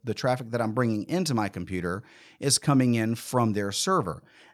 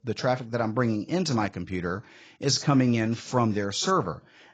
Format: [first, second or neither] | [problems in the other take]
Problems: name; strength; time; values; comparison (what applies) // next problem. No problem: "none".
first | garbled, watery; badly; nothing above 7.5 kHz